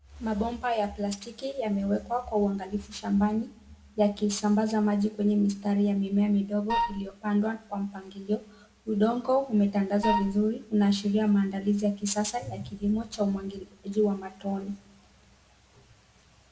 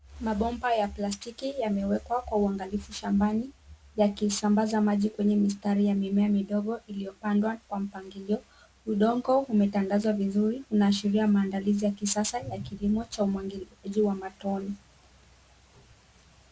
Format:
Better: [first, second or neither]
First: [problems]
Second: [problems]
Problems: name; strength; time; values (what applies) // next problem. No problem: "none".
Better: second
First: background sound (Wind instrument, woodwind instrument); 2 dB below the speech // room echo; dies away in 0.6 s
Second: none